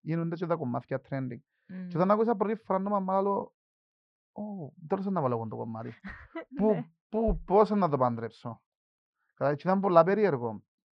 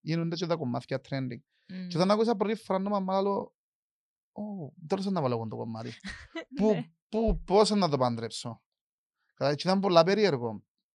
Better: second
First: muffled; very; fading above 3.5 kHz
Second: none

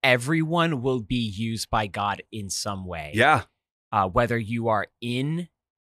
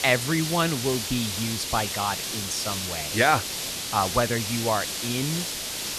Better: first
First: none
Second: hiss; loud; throughout; 2 dB below the speech

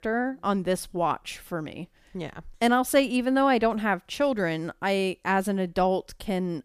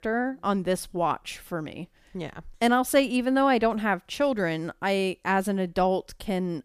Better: neither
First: none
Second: none

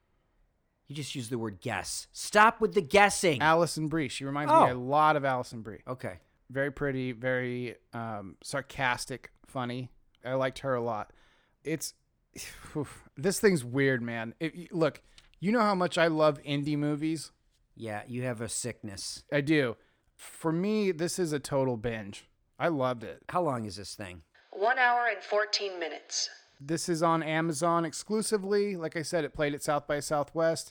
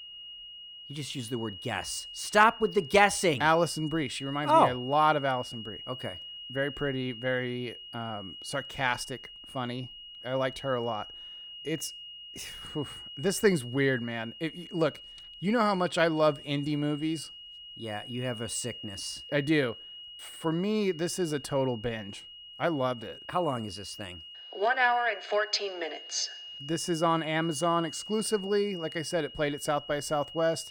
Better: first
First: none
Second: high-pitched whine; noticeable; throughout; 3 kHz, 15 dB below the speech

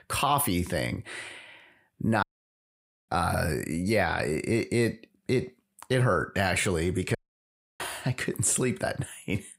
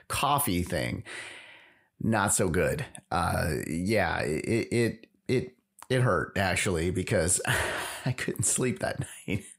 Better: second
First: audio cutting out; at 2 s for 1 s and at 7 s for 0.5 s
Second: none

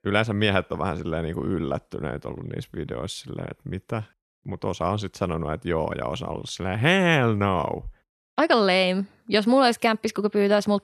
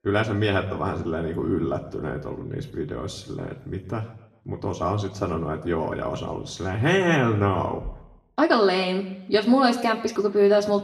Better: first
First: none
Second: room echo; slight; dies away in 0.6 s // off-mic speech; somewhat distant

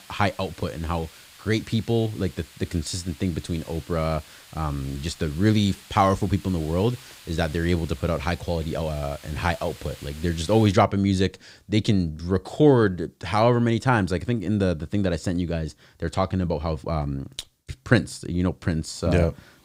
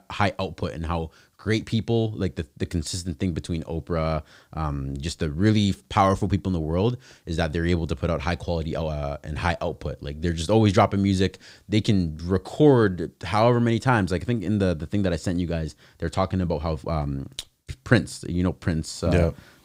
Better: second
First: hiss; faint; until 11 s; 20 dB below the speech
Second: none

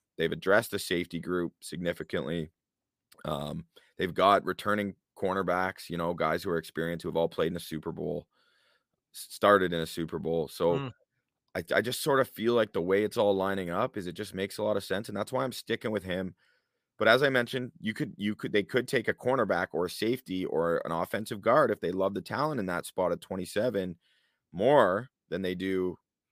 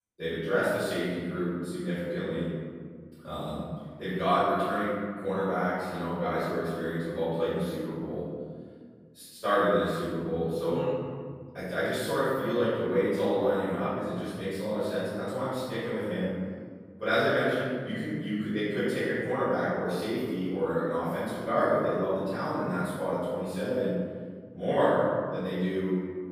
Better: first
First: none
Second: room echo; strong; dies away in 1.8 s // off-mic speech; far

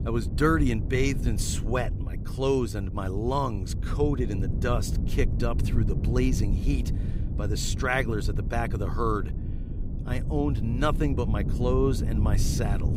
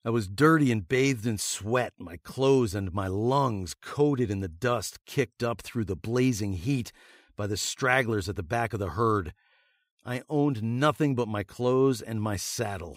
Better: second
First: wind noise on the microphone; occasional gusts; 10 dB below the speech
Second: none

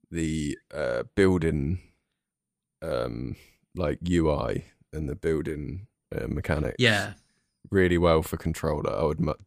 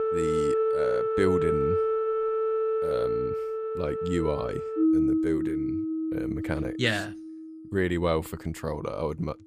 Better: first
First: none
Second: background music; very loud; throughout; 4 dB above the speech

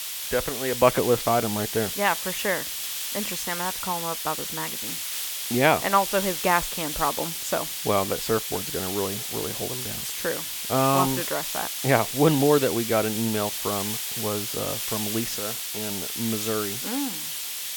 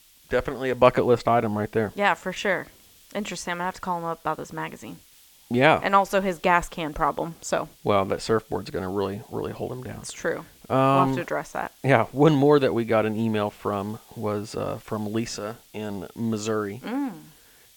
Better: second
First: hiss; loud; throughout; 2 dB below the speech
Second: hiss; faint; throughout; 25 dB below the speech

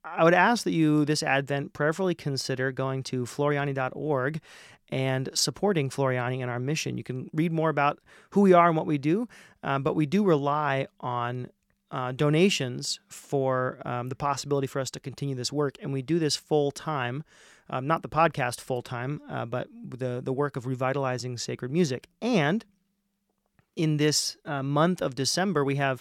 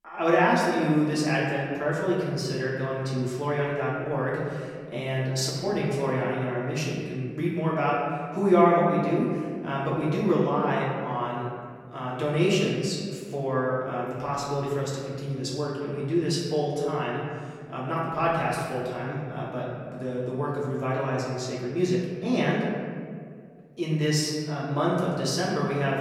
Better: first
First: none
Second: off-mic speech; far // room echo; noticeable; dies away in 1.8 s

